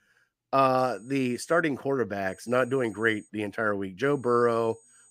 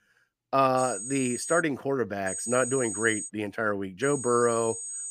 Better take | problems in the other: first | high-pitched whine; loud; at 1 s, from 2.5 to 3.5 s and from 4 s on; 8.5 kHz, 6 dB below the speech; faint in the first

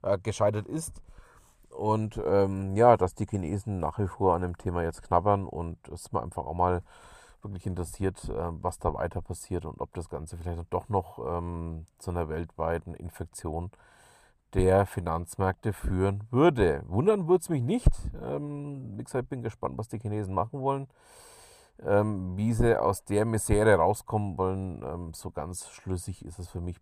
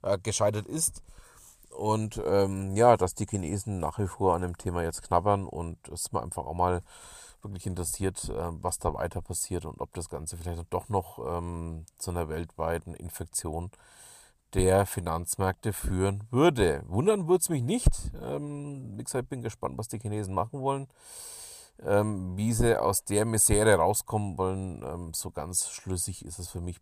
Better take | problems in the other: second | muffled; slightly; fading above 3.5 kHz

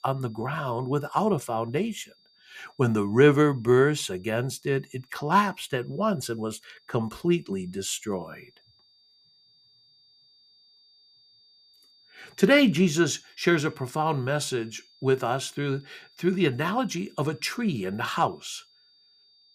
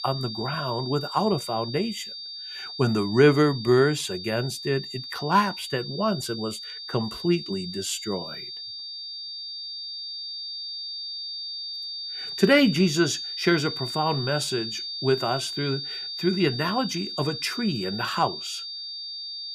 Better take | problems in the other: first | high-pitched whine; loud; throughout; 4.5 kHz, 7 dB below the speech; faint in the first

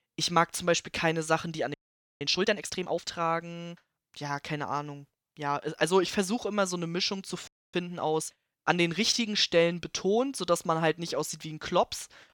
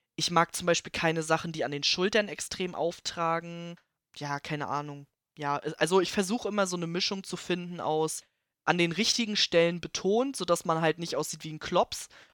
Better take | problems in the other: second | audio freezing; at 1.5 s and at 7.5 s

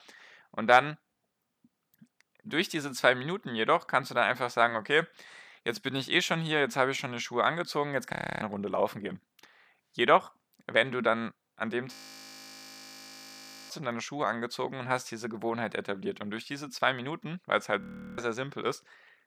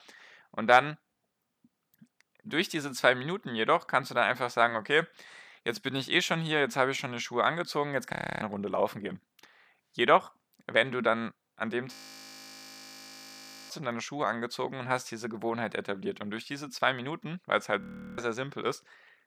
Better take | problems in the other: neither | audio freezing; at 8 s, at 12 s for 2 s and at 18 s; the same in both

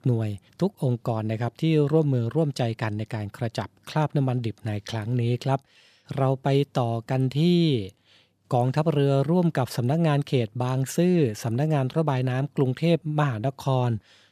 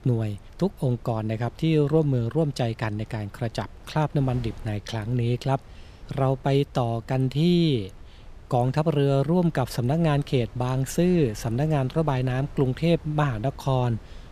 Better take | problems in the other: first | wind noise on the microphone; occasional gusts; 25 dB below the speech

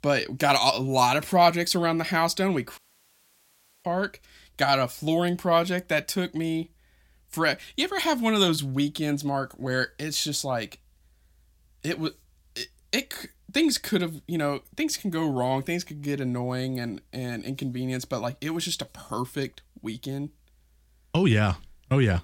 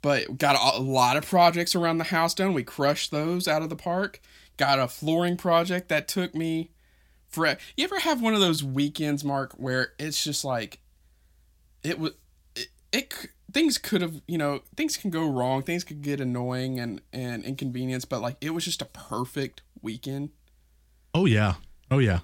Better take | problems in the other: second | audio cutting out; at 3 s for 1 s

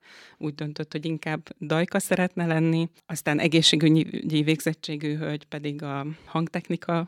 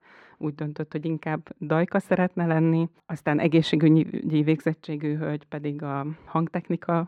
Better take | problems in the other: first | muffled; very; fading above 3 kHz

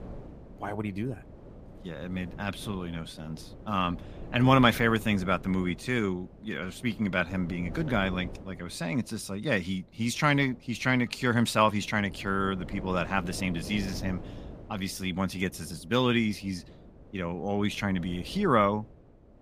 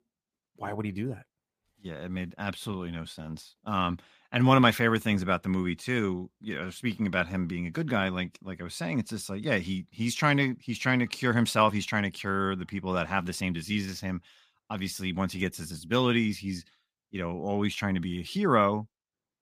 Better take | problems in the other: second | wind noise on the microphone; occasional gusts; 20 dB below the speech

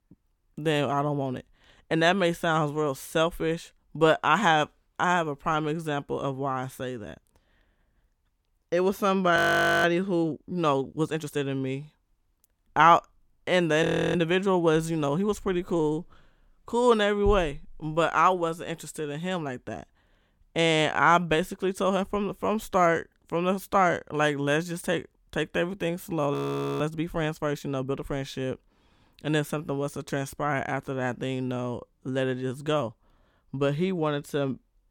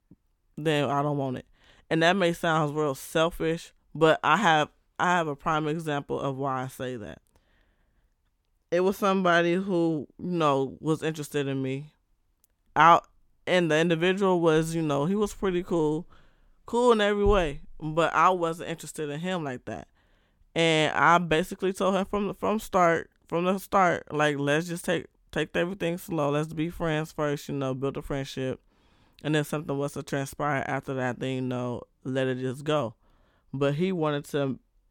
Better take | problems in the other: second | audio freezing; at 9.5 s, at 14 s and at 26 s

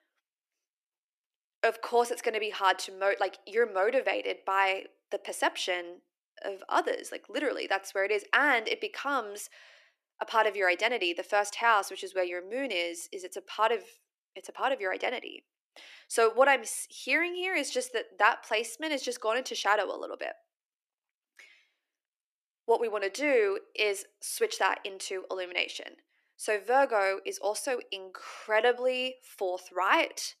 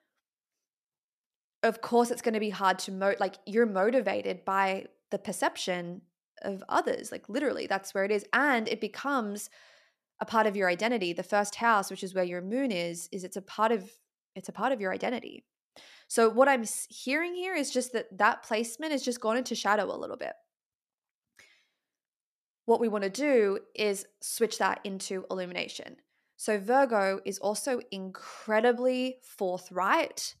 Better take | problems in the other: second | thin; somewhat; fading below 300 Hz

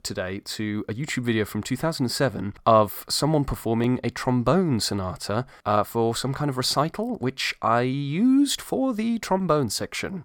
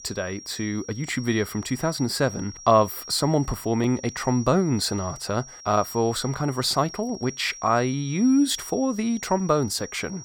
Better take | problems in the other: first | high-pitched whine; noticeable; throughout; 5.5 kHz, 15 dB below the speech

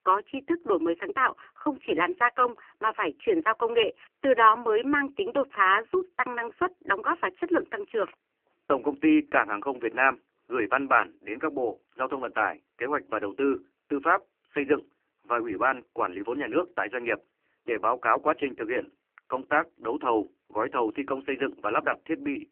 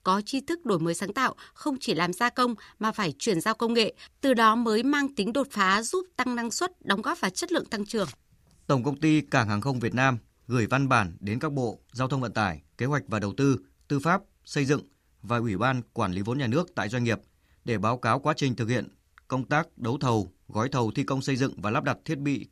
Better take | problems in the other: second | phone-call audio; poor line; nothing above 3 kHz

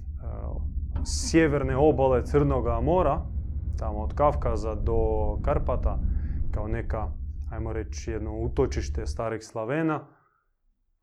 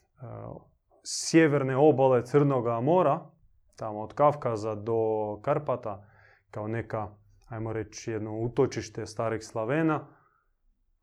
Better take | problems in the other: second | low rumble; faint; until 9 s; 20 dB below the speech

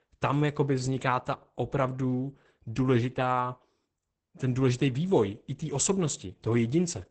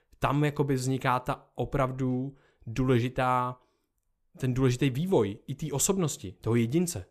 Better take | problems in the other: second | garbled, watery; badly; nothing above 8 kHz

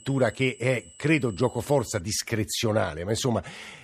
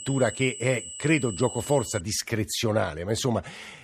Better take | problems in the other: first | high-pitched whine; loud; until 2 s; 8 kHz, 10 dB below the speech; faint in the first

